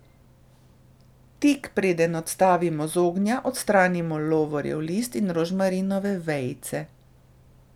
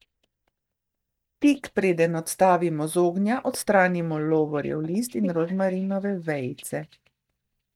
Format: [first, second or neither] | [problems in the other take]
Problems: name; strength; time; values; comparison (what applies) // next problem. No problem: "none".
first | noise reduction (neural mask model DeepFilterNet 3)